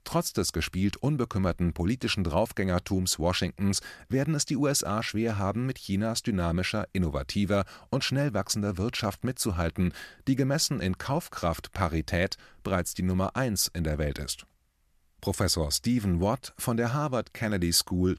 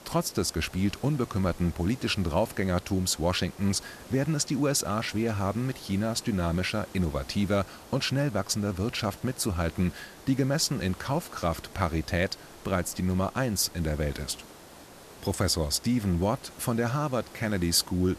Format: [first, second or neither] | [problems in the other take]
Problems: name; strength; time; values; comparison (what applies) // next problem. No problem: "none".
first | hiss; noticeable; throughout; 20 dB below the speech